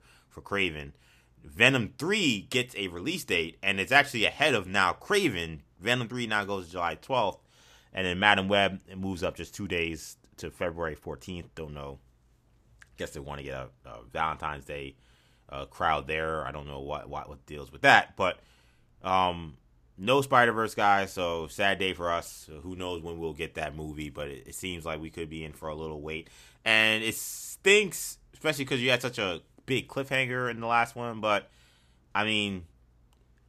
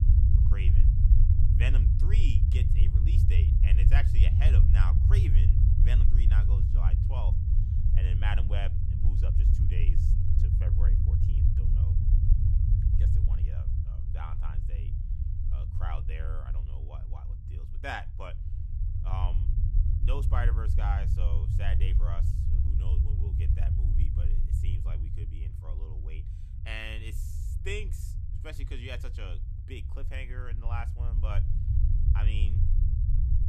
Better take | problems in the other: first | low rumble; loud; throughout; 3 dB below the speech

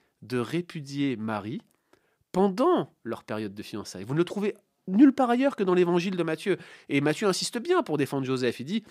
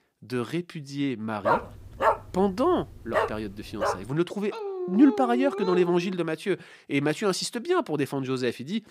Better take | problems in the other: first | dog barking; loud; from 1.5 to 4 s; peak 2 dB above the speech // dog barking; noticeable; from 4.5 to 6 s; peak 4 dB below the speech

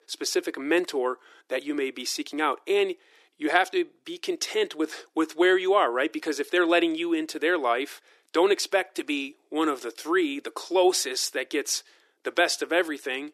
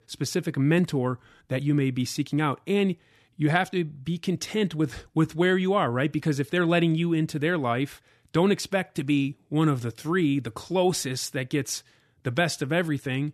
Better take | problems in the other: second | thin; very; fading below 350 Hz

